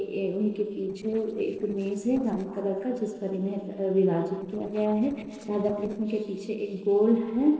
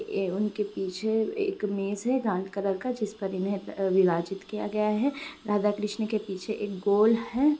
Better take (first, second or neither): second